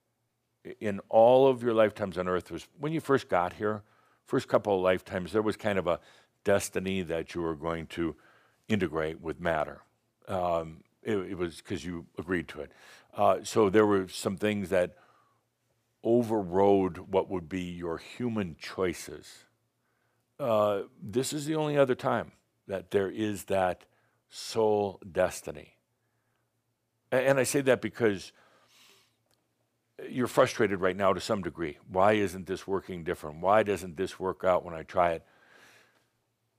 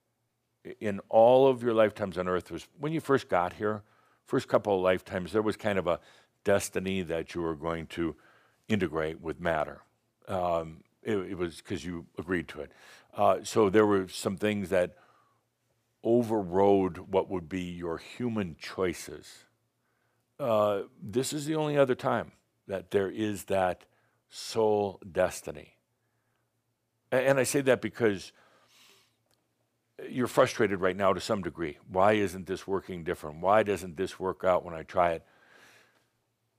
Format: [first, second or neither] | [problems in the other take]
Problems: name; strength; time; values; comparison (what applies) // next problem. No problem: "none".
neither | none